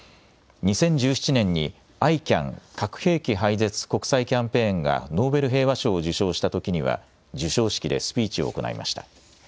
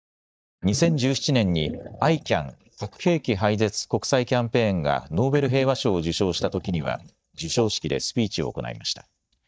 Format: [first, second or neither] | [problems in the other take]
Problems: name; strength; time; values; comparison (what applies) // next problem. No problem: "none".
first | noise reduction (neural mask model DeepFilterNet 3)